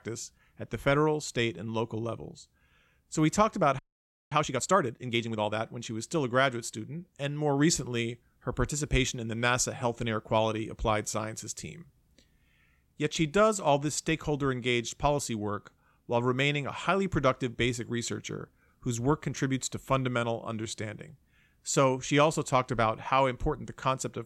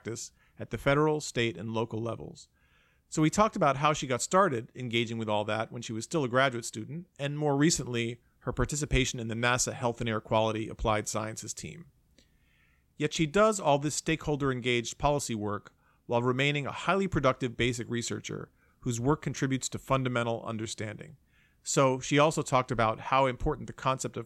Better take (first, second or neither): second